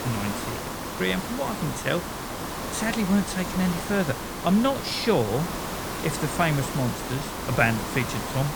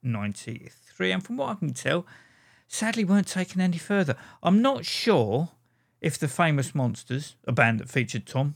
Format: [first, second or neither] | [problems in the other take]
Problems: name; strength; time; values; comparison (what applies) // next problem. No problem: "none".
second | hiss; loud; throughout; 5 dB below the speech